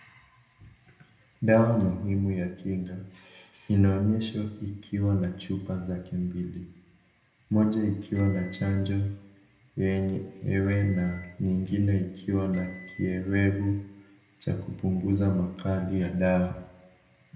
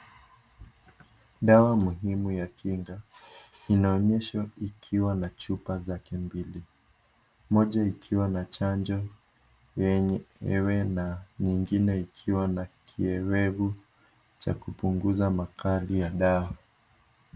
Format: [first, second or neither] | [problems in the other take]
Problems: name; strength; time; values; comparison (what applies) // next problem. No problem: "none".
second | background sound (Microwave oven); 19 dB below the speech // room echo; dies away in 0.7 s